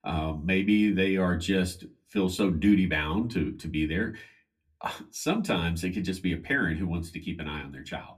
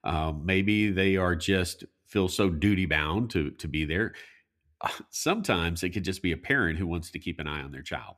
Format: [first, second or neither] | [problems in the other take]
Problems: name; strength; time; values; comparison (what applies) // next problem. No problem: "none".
second | off-mic speech; somewhat distant // room echo; very slight; dies away in 0.2 s